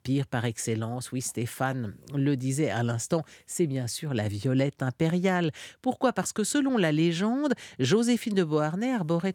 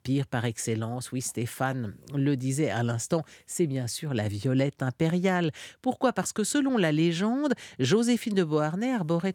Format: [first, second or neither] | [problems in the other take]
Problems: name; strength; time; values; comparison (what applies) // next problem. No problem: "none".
neither | none